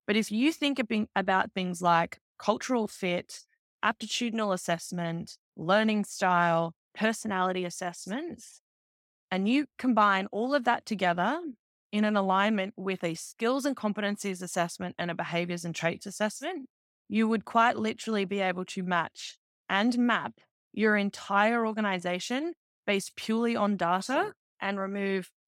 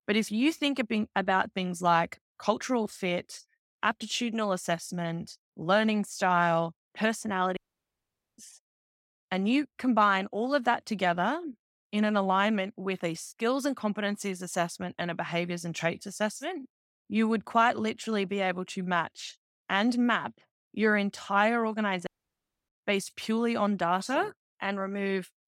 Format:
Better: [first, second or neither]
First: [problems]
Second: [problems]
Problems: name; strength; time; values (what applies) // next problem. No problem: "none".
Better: first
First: none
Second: audio cutting out; at 7.5 s for 1 s and at 22 s for 0.5 s